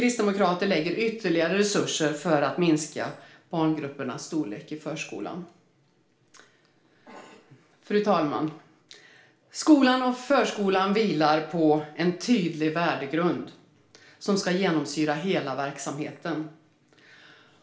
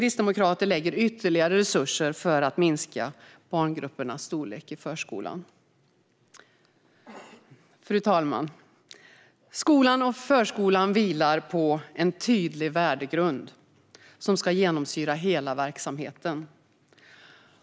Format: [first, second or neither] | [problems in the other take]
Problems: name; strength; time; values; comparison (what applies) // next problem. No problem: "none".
second | room echo; dies away in 0.4 s